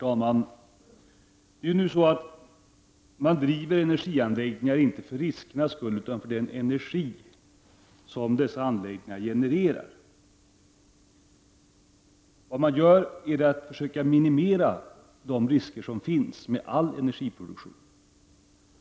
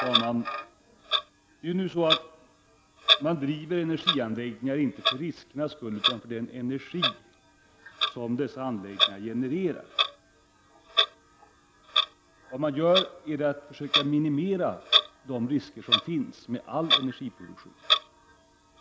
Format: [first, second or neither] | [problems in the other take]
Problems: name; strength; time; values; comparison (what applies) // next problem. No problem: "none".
first | background sound (Clock); as loud as the speech